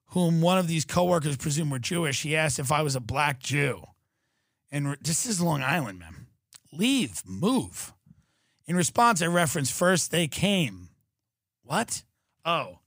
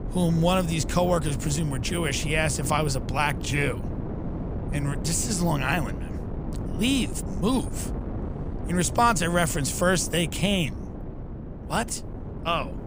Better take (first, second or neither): first